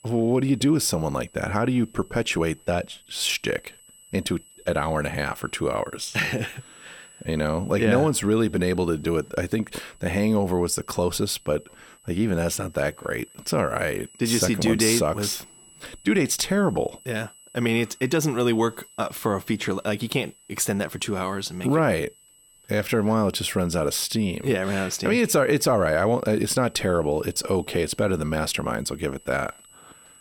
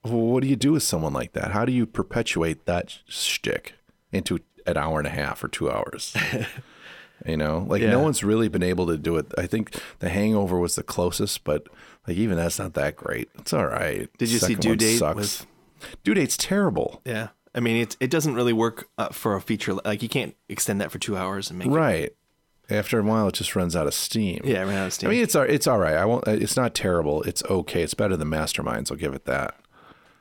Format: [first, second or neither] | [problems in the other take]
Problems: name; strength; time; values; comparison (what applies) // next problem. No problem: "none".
second | high-pitched whine; faint; throughout; 8 kHz, 25 dB below the speech